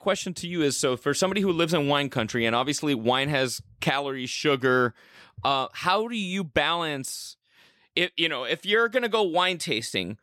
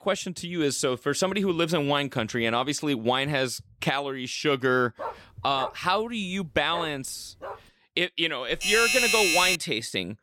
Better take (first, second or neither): first